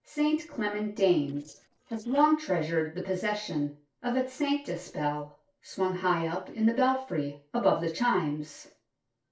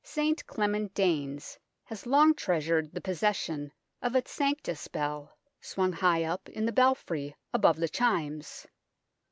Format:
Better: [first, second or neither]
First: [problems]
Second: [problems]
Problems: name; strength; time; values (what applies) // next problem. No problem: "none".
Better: second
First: noise reduction (neural separator model SepFormer DNS4)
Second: none